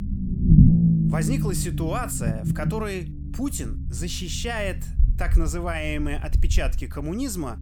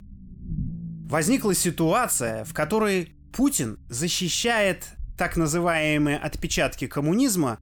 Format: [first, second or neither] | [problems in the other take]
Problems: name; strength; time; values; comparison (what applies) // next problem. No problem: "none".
second | low rumble; loud; throughout; as loud as the speech; faint in the second